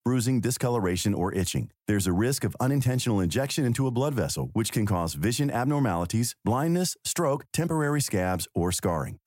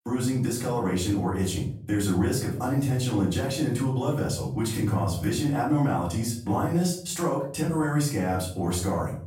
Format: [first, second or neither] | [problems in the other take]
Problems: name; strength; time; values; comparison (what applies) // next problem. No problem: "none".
first | off-mic speech; far // room echo; noticeable; dies away in 0.5 s